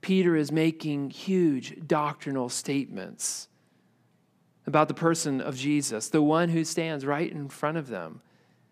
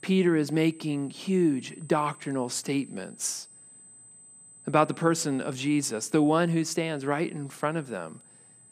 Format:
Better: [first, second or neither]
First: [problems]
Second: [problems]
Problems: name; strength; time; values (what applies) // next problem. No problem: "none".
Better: first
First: none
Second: high-pitched whine; faint; throughout; 8 kHz, 20 dB below the speech